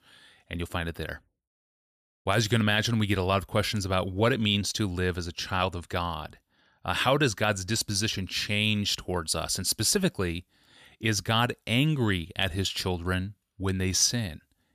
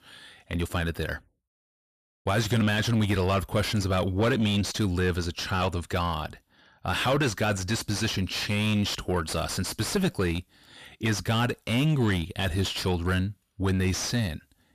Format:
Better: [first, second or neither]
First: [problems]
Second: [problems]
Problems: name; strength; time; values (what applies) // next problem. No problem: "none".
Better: first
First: none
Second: distortion; heavy; 7 dB below the speech